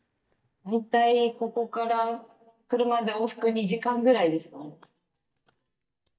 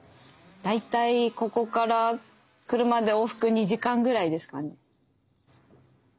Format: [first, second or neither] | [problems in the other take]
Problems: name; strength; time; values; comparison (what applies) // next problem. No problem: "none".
second | noise reduction (neural mask model DeepFilterNet 3)